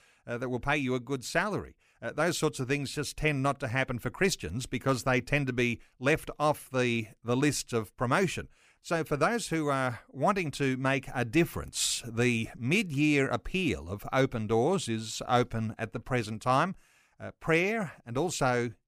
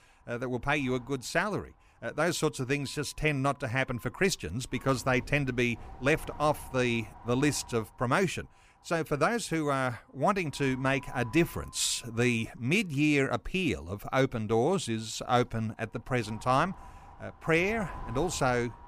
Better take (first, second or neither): first